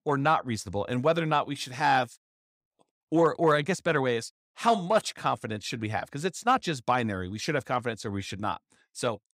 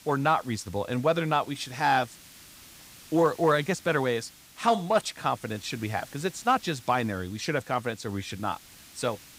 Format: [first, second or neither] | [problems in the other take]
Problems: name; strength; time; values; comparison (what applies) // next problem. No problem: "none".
first | hiss; faint; throughout; 20 dB below the speech